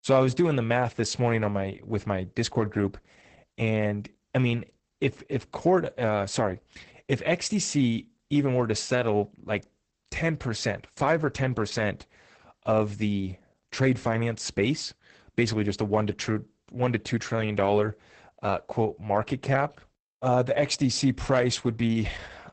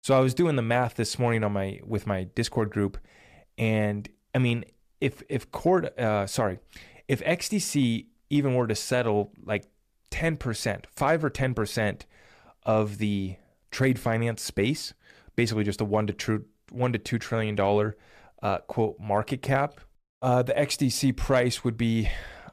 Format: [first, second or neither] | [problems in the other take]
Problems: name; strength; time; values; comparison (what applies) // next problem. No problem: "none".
second | garbled, watery; badly; nothing above 8 kHz